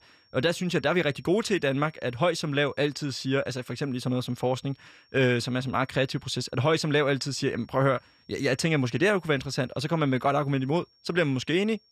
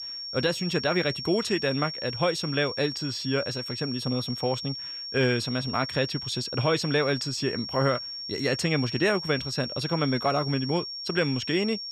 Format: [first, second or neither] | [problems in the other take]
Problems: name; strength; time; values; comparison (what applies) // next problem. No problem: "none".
first | high-pitched whine; loud; throughout; 5.5 kHz, 6 dB below the speech; faint in the first